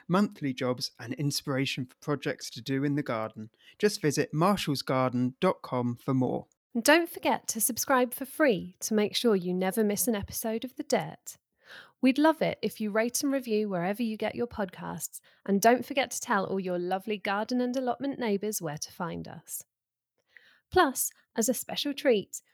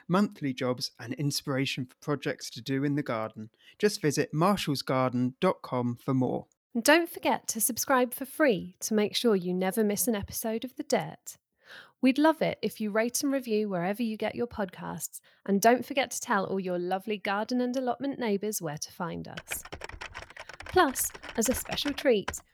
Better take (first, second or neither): first